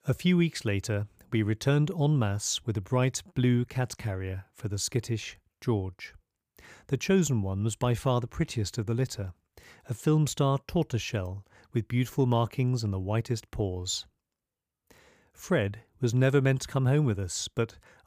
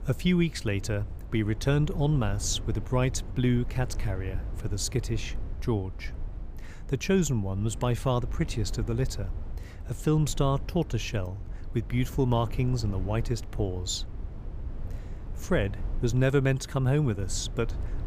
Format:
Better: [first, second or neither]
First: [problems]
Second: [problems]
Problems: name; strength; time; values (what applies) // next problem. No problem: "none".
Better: first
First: none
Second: low rumble; noticeable; throughout; 20 dB below the speech